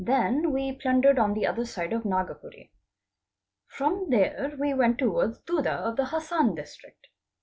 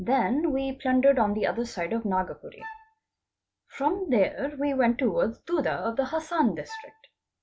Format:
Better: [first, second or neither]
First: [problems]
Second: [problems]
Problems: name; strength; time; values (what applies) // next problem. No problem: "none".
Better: first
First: none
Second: background sound (Wind instrument, woodwind instrument); 18 dB below the speech